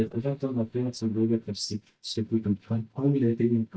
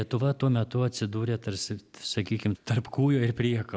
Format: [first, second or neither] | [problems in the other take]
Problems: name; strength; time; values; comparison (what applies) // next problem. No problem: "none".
second | noise reduction (neural mask model DeepFilterNet 3)